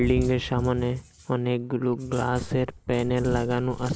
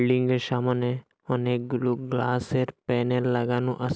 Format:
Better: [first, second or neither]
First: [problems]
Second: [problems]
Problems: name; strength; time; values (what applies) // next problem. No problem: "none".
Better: second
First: background sound (Cat); 10 dB below the speech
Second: none